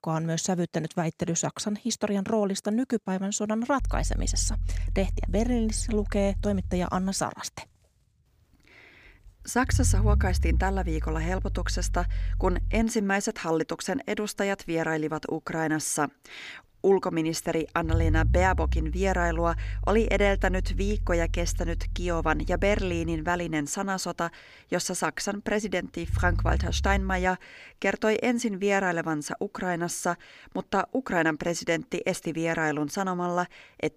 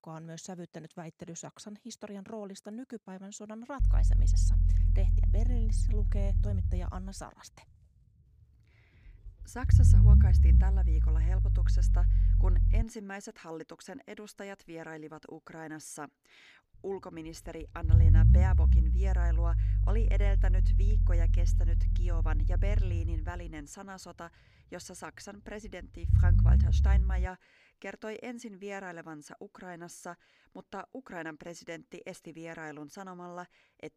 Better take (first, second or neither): first